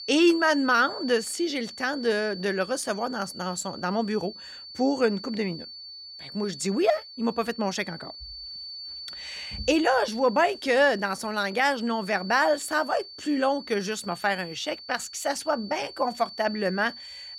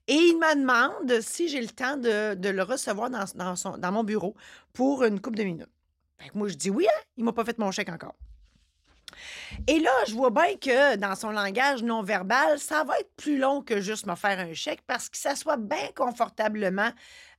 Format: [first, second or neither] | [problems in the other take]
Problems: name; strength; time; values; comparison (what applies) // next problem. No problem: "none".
second | high-pitched whine; noticeable; throughout; 4.5 kHz, 15 dB below the speech